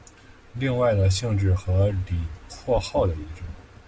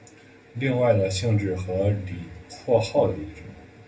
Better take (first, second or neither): first